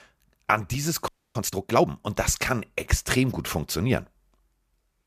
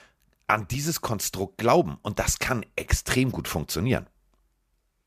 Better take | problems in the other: second | audio freezing; at 1 s

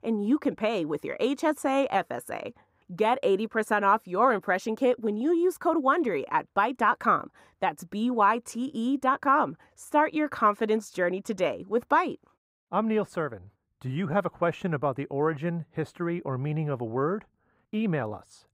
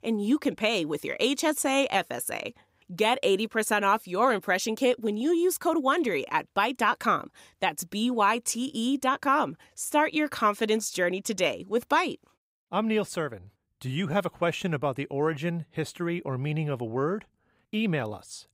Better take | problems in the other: second | muffled; slightly; fading above 2 kHz

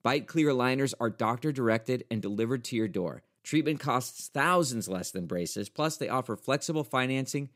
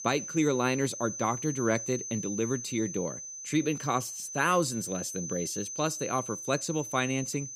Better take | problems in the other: first | high-pitched whine; loud; throughout; 6 kHz, 6 dB below the speech

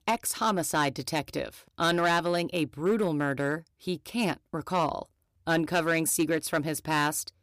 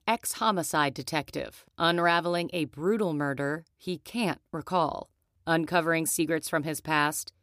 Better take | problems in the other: second | distortion; slight; 4% of the sound clipped

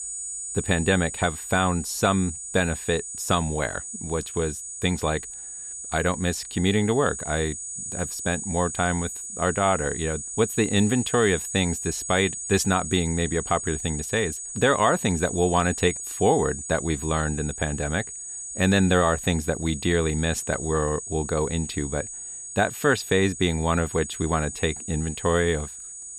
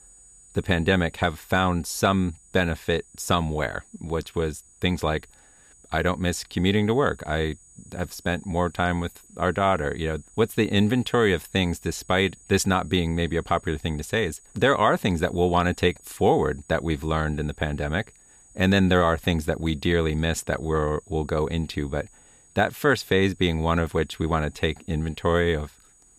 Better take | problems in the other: second | high-pitched whine; loud; throughout; 6.5 kHz, 8 dB below the speech; faint in the second

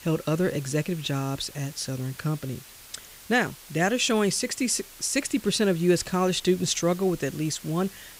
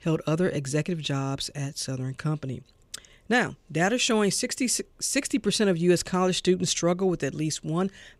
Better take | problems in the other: second | hiss; noticeable; throughout; 20 dB below the speech

